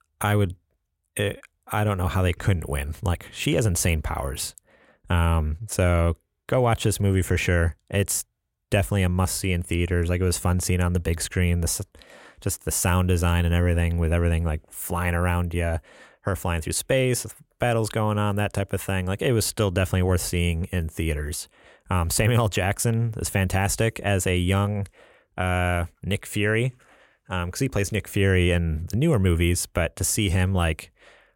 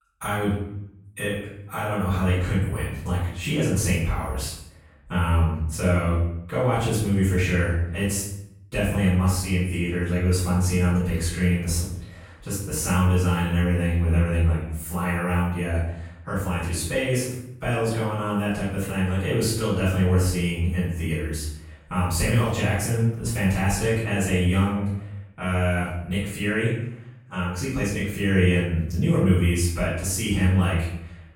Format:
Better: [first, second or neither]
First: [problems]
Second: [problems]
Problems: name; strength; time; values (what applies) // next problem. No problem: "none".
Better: first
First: none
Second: off-mic speech; far // room echo; noticeable; dies away in 0.7 s